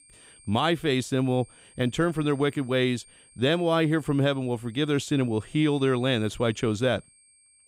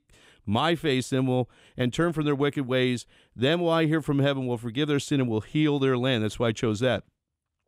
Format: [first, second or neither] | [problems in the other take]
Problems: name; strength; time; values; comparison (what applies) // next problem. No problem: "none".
second | high-pitched whine; faint; throughout; 8.5 kHz, 25 dB below the speech